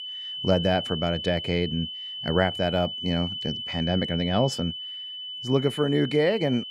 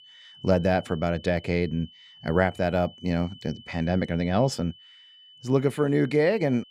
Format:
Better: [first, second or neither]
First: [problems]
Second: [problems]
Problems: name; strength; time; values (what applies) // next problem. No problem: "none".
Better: second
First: high-pitched whine; loud; throughout; 3 kHz, 6 dB below the speech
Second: high-pitched whine; faint; throughout; 3 kHz, 25 dB below the speech